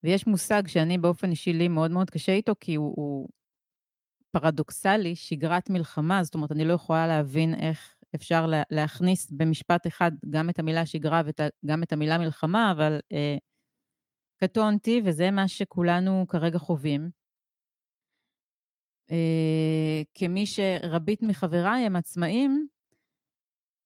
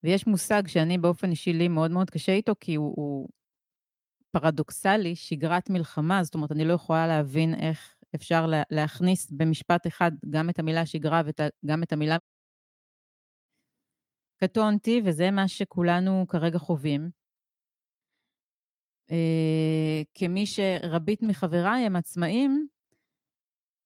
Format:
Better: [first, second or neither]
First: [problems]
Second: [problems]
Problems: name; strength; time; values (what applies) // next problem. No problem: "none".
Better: first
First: none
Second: audio cutting out; at 12 s for 1.5 s